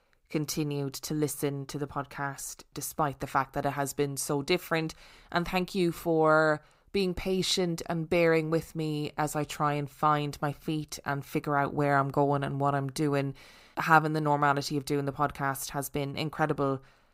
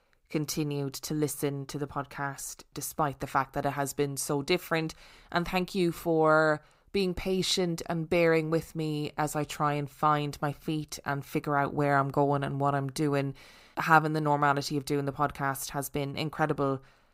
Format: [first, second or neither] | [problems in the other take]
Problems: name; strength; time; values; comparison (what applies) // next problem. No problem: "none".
neither | none